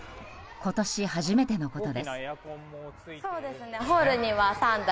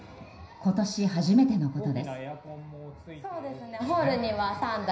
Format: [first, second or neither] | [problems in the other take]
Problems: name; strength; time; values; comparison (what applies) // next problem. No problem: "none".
first | room echo; dies away in 0.5 s